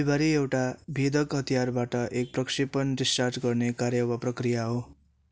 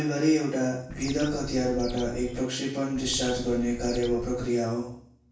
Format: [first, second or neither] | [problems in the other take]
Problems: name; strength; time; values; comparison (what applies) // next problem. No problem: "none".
first | background sound (Bird); 11 dB below the speech // room echo; dies away in 0.7 s